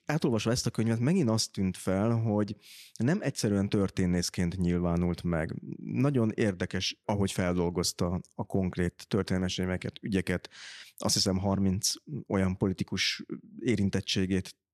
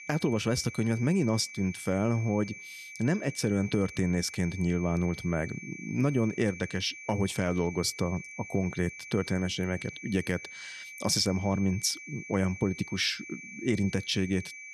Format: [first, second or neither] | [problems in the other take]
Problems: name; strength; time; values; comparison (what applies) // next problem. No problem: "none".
first | high-pitched whine; noticeable; throughout; 2.5 kHz, 15 dB below the speech